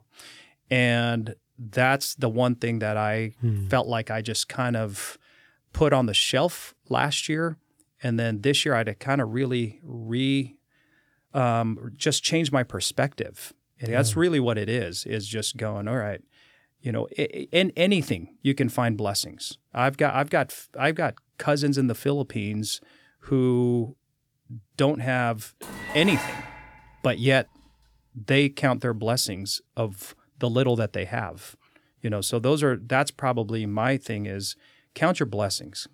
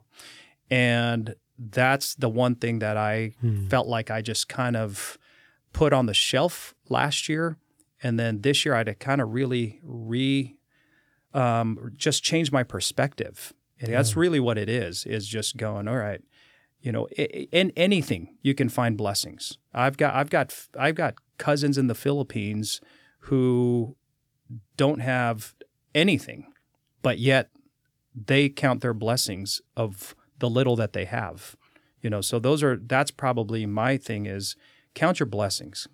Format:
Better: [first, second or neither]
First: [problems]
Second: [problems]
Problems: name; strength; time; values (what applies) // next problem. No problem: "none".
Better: second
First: clattering dishes; noticeable; from 26 to 27 s; peak 6 dB below the speech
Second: none